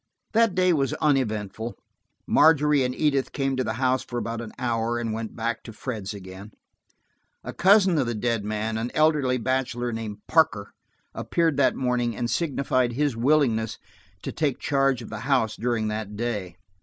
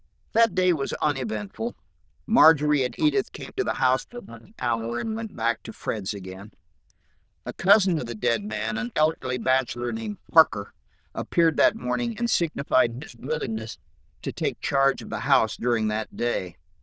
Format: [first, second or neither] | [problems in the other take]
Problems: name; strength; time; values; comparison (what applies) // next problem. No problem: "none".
first | noise reduction (neural diffusion model UNIVERSE++)